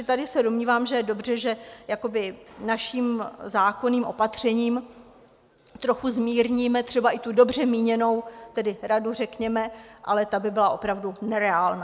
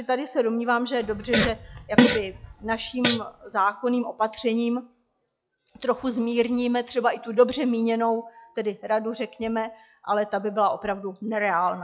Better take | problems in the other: first | noise reduction (classical method log-MMSE)

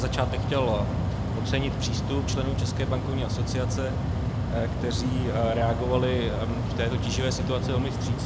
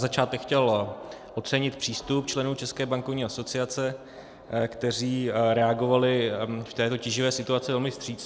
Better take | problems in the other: second | background sound (Mechanical fan); 3 dB above the speech

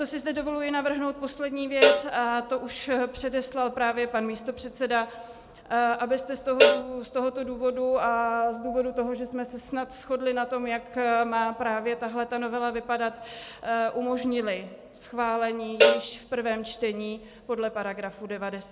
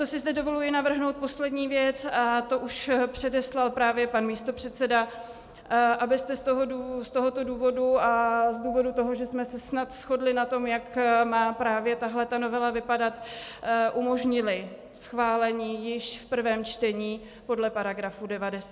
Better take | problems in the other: second | background sound (Cowbell); 1 dB above the speech

